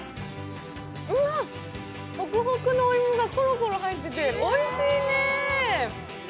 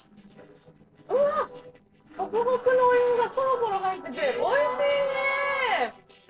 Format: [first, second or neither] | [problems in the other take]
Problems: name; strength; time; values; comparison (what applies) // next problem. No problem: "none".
first | noise reduction (neural separator model SepFormer DNS4)